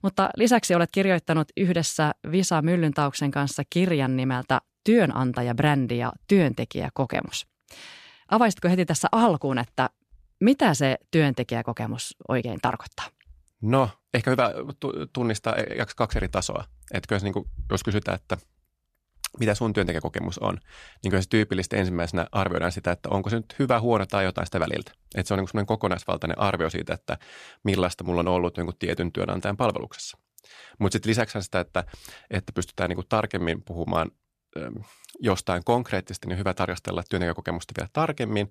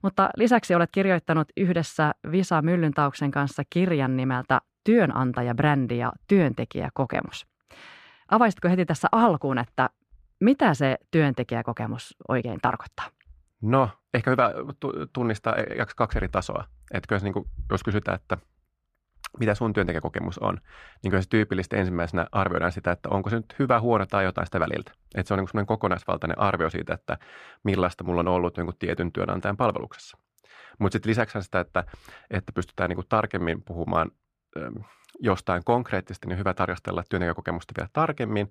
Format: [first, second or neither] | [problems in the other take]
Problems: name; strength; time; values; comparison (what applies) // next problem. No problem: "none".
first | muffled; slightly; fading above 3.5 kHz